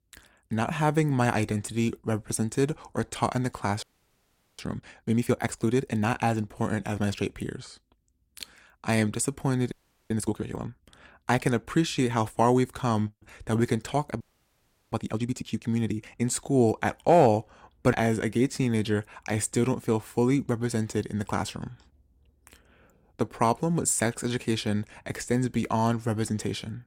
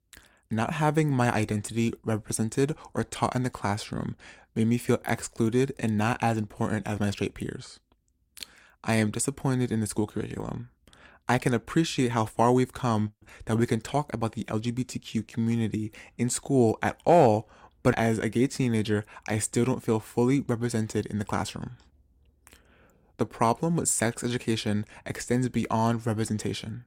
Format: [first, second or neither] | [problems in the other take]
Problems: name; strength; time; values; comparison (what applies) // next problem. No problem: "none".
second | audio freezing; at 4 s for 1 s, at 9.5 s and at 14 s for 0.5 s